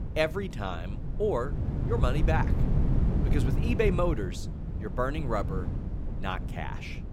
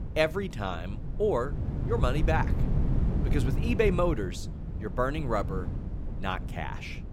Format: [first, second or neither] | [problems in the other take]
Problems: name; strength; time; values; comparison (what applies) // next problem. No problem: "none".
second | wind noise on the microphone; heavy; 9 dB below the speech; occasional gusts in the second